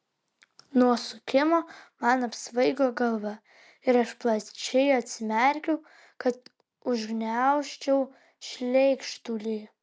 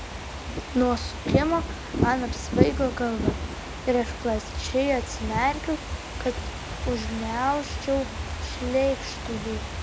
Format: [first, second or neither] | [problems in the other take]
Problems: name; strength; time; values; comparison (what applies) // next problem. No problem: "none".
first | background sound (Fireworks / Ocean); 2 dB below the speech